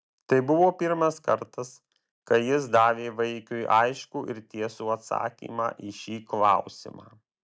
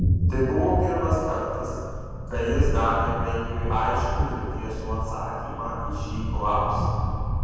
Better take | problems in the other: first | background sound (Thunder); 1 dB above the speech // room echo; dies away in 2.1 s

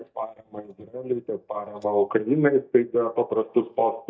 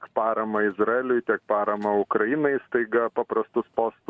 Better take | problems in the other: second | noise reduction (neural mask model DeepFilterNet 3)

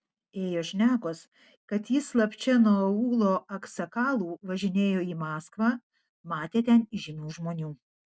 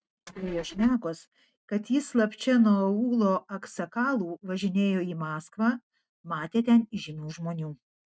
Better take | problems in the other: first | noise reduction (neural mask model RNNoise)

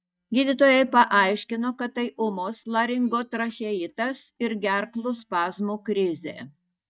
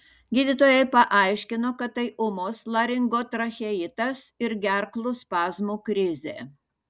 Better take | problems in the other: second | noise reduction (neural mask model DeepFilterNet 3)

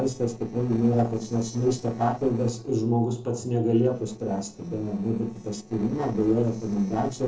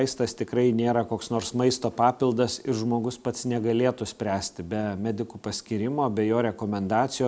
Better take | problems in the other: second | noise reduction (neural separator model SepFormer DNS4)

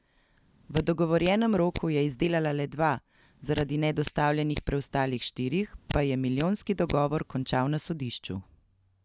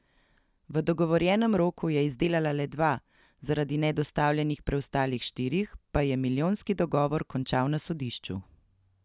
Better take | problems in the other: second | background sound (Hands); 14 dB below the speech

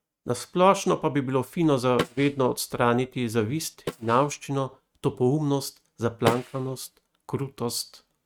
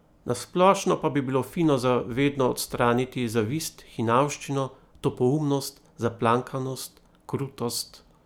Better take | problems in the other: second | noise reduction (neural mask model RNNoise)

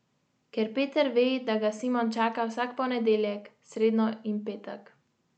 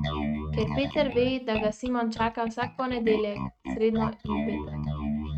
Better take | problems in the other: first | noise reduction (neural mask model RNNoise)

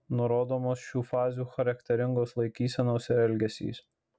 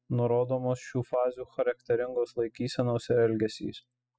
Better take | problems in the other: first | noise reduction (classical method spectral subtraction)

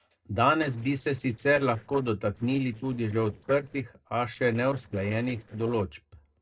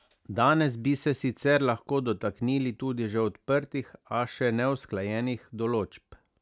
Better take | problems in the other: second | noise reduction (neural separator model SepFormer DNS4)

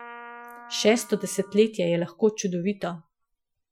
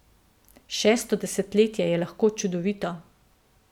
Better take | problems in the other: second | noise reduction (classical method Wiener filter)

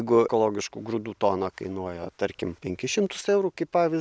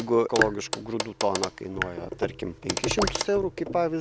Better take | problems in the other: first | background sound (Raindrop / Drip + Clock); 3 dB below the speech

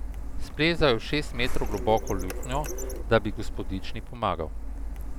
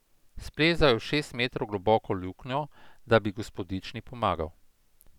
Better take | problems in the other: second | background sound (Printer); 2 dB below the speech

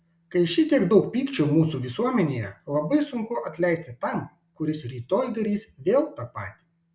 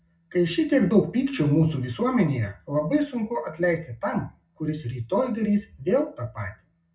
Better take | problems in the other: first | room echo; dies away in 0.4 s

